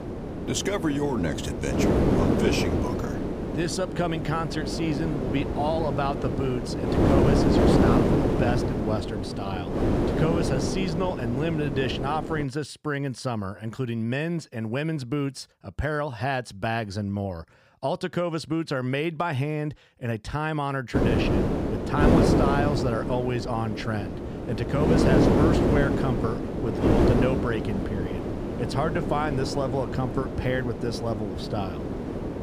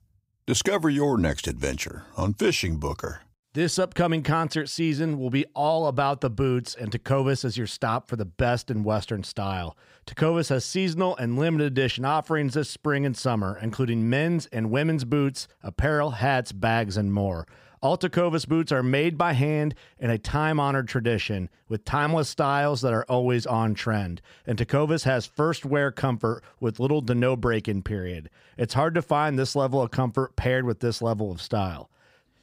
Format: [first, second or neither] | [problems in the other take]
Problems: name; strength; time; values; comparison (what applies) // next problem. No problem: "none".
second | wind noise on the microphone; heavy; until 12 s and from 21 s on; 1 dB above the speech